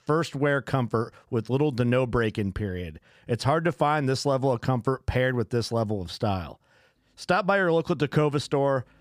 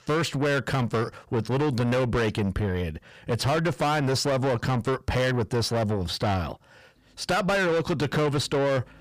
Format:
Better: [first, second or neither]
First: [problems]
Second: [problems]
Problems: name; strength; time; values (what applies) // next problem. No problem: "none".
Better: first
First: none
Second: distortion; heavy; 7 dB below the speech